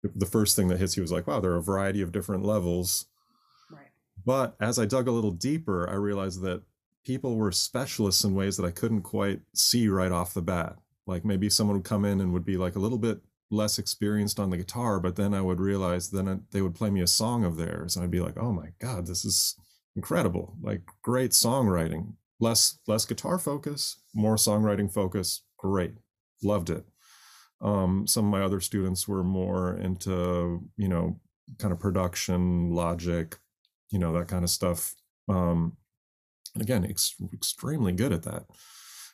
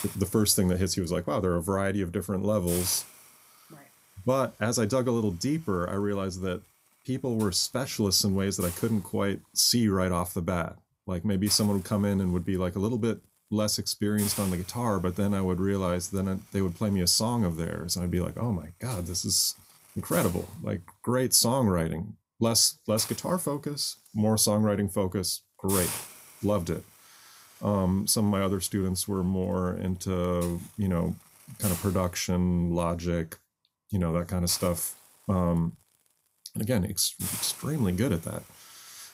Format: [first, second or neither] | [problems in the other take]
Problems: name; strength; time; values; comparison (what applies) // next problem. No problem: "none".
first | hiss; noticeable; throughout; 10 dB below the speech